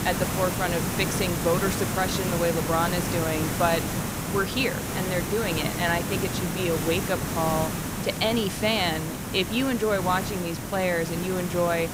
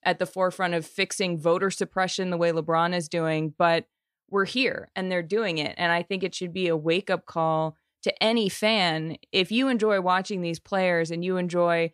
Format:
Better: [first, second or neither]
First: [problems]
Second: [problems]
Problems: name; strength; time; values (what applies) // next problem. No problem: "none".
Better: second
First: hiss; loud; throughout; 2 dB below the speech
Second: none